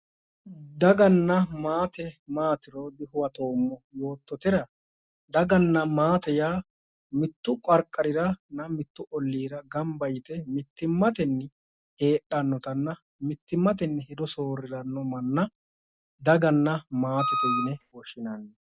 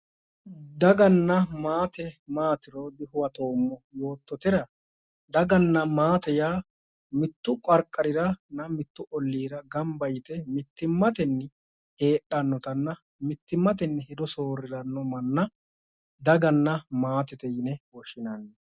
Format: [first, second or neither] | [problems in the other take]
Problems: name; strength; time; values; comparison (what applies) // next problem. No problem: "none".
second | background sound (Wind instrument, woodwind instrument); 2 dB below the speech